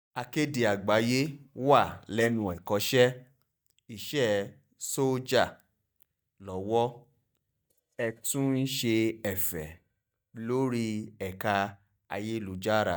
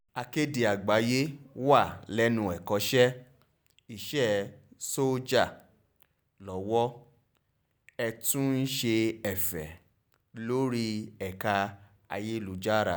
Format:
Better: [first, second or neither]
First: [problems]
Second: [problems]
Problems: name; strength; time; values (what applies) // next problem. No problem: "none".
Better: second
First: noise reduction (neural mask model DeepFilterNet 3)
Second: none